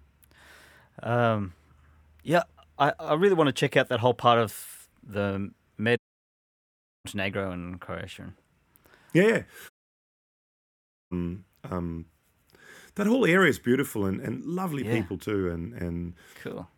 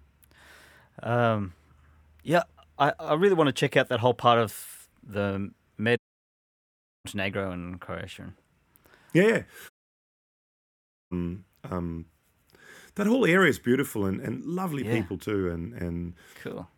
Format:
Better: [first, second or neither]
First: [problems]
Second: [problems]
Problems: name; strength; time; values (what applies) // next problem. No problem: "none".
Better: neither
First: audio cutting out; at 6 s for 1 s and at 9.5 s for 1.5 s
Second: audio cutting out; at 6 s for 1 s and at 9.5 s for 1.5 s